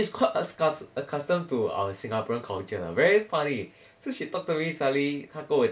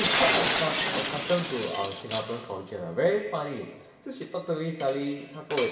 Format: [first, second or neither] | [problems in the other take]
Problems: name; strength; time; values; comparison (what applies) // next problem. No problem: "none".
first | background sound (Shatter); 2 dB below the speech // room echo; dies away in 1.6 s